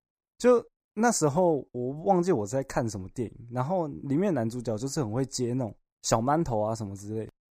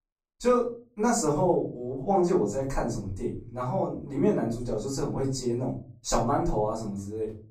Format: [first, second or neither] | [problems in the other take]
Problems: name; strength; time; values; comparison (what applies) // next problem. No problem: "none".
first | off-mic speech; far // room echo; slight; dies away in 0.4 s